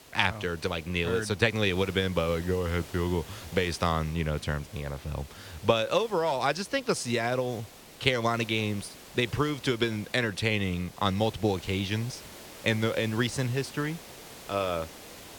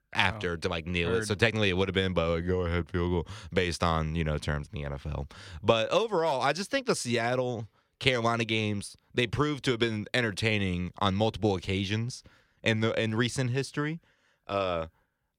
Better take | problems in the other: second | hiss; noticeable; throughout; 20 dB below the speech

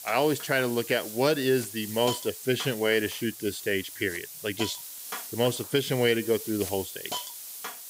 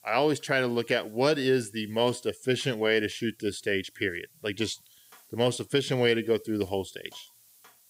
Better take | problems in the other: second | hiss; loud; throughout; 9 dB below the speech; faint in the second

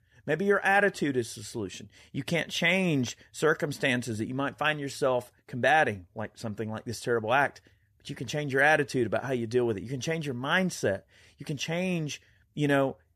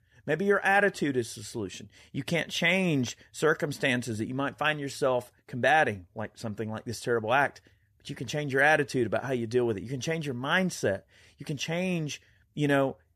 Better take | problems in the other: neither | none

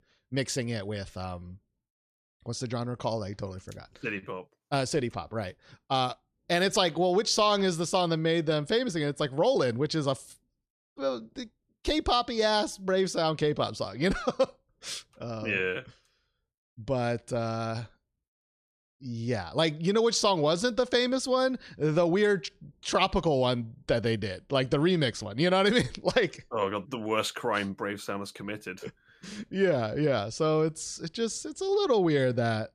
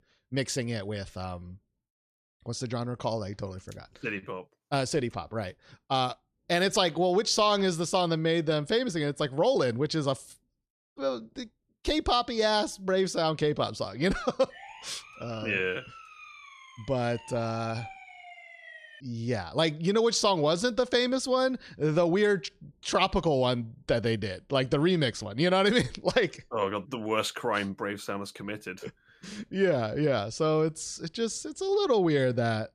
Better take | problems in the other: first | siren; faint; from 15 to 19 s; peak 15 dB below the speech

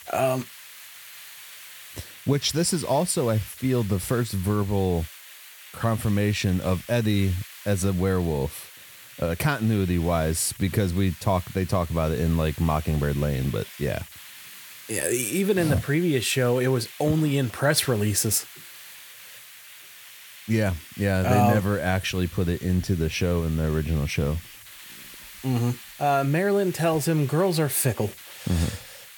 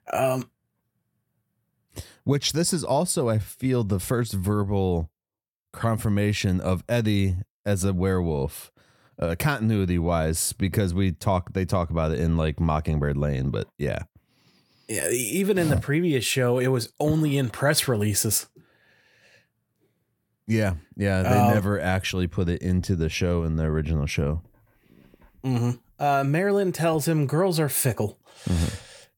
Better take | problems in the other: second | hiss; noticeable; throughout; 15 dB below the speech

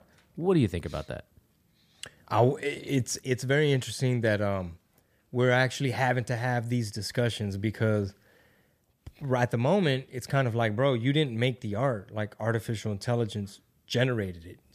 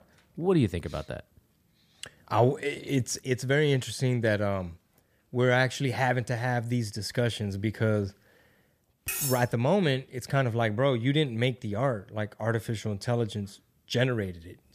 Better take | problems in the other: first | clattering dishes; noticeable; at 9 s; peak 2 dB below the speech

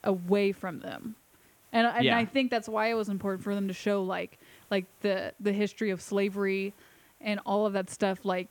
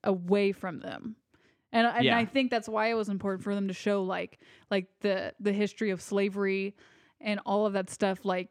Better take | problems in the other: second | hiss; faint; throughout; 30 dB below the speech

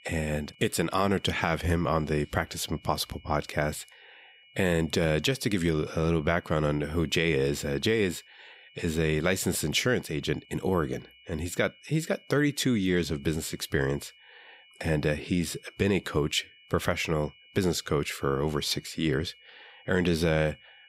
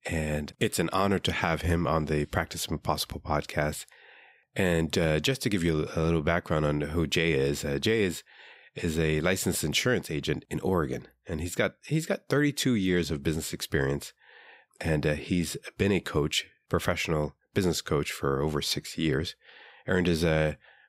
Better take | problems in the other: second | high-pitched whine; faint; throughout; 3 kHz, 25 dB below the speech

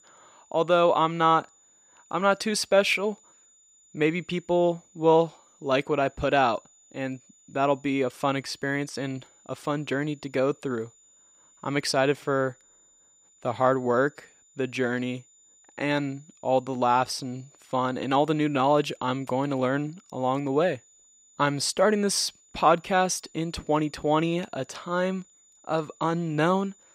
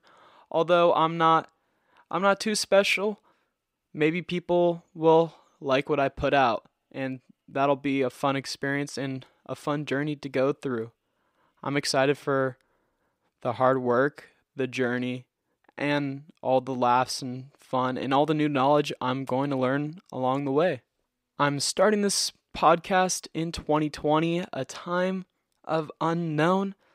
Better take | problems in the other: second | high-pitched whine; faint; throughout; 7 kHz, 30 dB below the speech

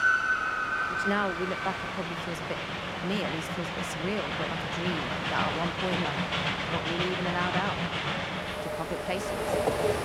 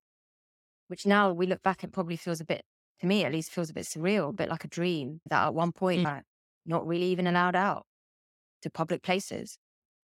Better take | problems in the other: second | train or aircraft noise; very loud; throughout; 4 dB above the speech

